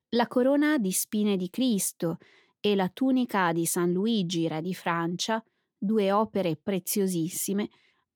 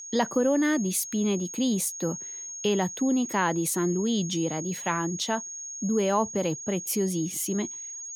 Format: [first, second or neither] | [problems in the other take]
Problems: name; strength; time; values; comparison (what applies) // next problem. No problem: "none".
first | high-pitched whine; loud; throughout; 6.5 kHz, 8 dB below the speech